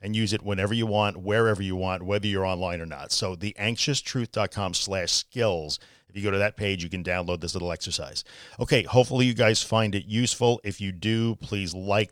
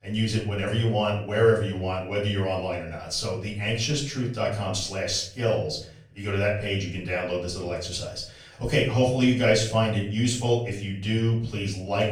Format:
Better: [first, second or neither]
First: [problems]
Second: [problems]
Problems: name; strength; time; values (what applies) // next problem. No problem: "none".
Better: first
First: none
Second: off-mic speech; far // room echo; noticeable; dies away in 0.5 s